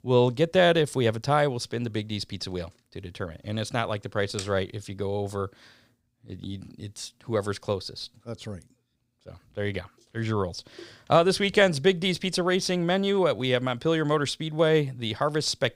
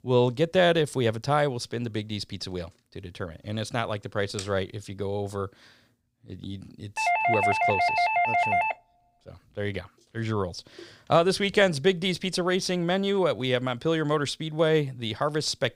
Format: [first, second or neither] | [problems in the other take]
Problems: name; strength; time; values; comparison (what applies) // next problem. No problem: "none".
first | doorbell; loud; from 7 to 8.5 s; peak 4 dB above the speech